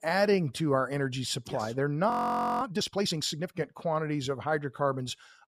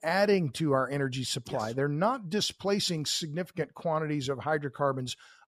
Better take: second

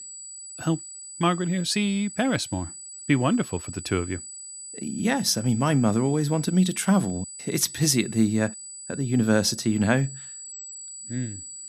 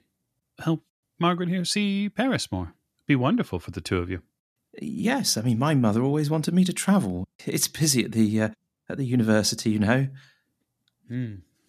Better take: second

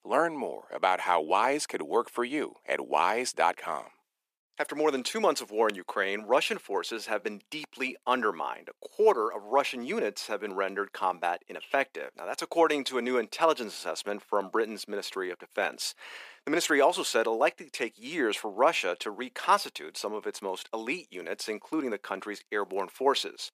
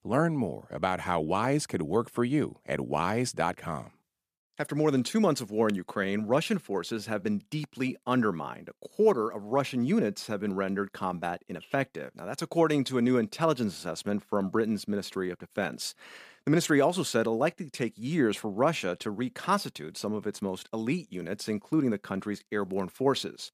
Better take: second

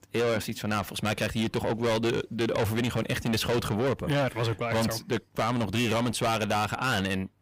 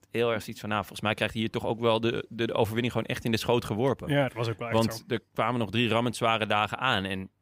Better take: second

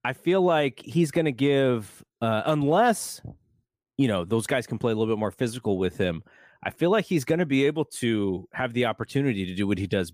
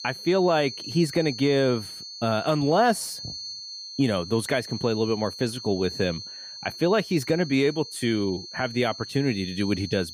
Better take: first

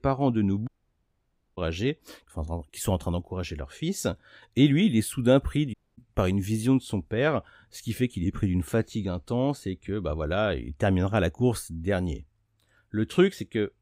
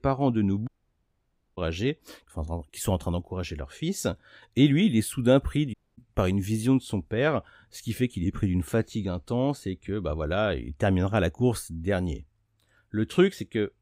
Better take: neither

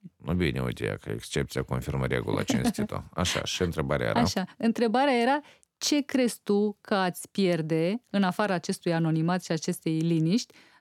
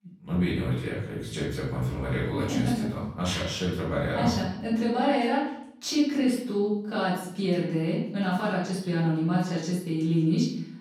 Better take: first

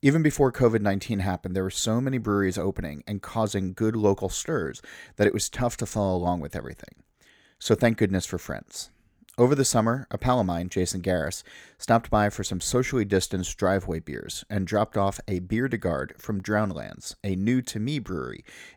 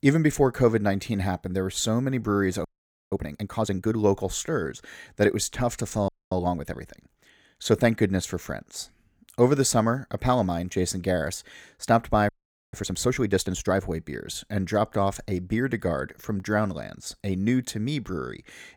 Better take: first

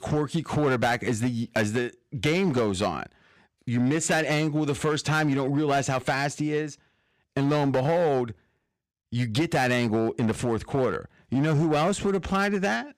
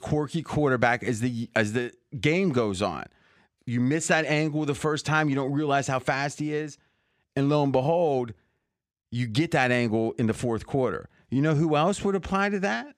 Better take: second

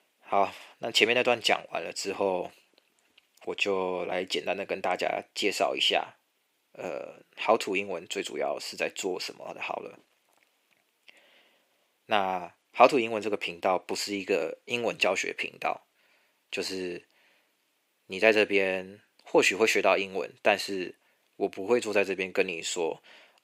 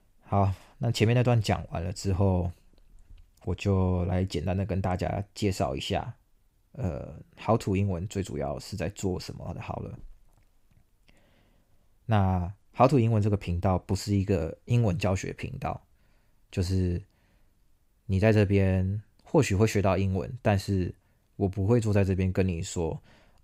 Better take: second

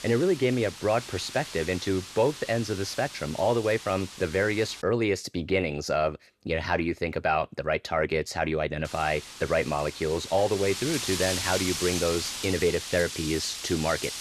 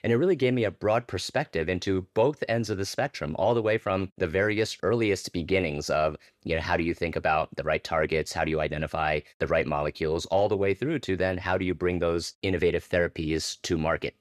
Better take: second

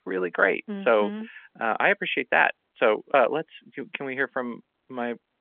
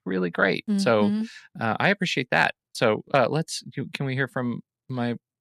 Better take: second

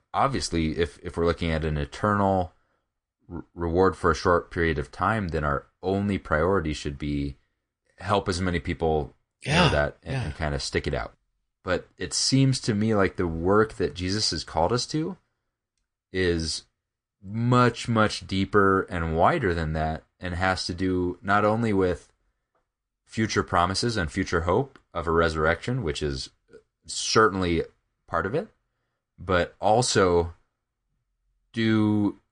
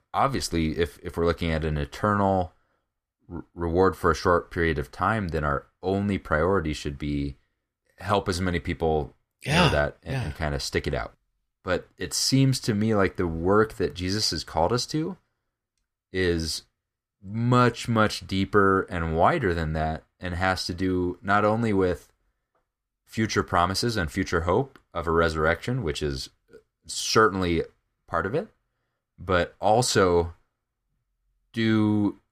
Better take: second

